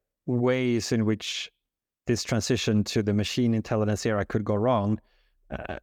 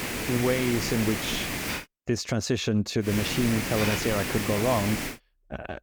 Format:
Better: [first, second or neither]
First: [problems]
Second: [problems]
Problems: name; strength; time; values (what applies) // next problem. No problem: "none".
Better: first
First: none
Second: hiss; loud; until 2 s and from 3 to 5 s; 2 dB below the speech